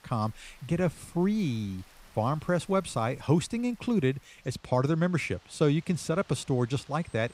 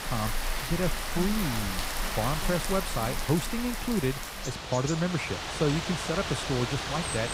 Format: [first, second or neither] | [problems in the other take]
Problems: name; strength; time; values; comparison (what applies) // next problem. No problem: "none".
first | rain or running water; loud; throughout; 2 dB below the speech; faint in the first